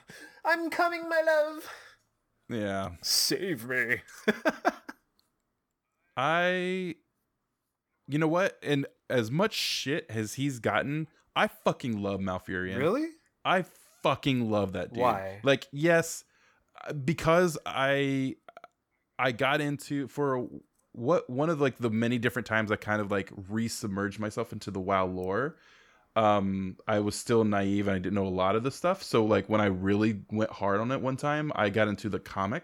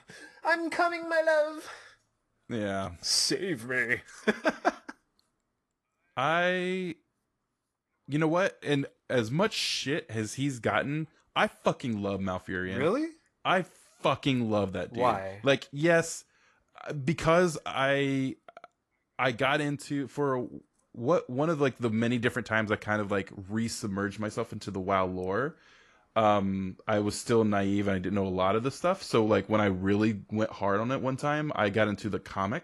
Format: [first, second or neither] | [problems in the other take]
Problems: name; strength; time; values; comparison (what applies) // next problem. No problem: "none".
first | garbled, watery; slightly; nothing above 11.5 kHz